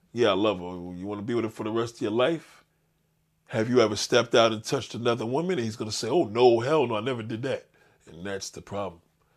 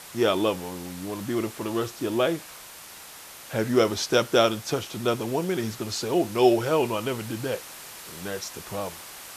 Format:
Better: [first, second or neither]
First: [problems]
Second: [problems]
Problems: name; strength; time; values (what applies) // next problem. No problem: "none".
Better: first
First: none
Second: hiss; noticeable; throughout; 15 dB below the speech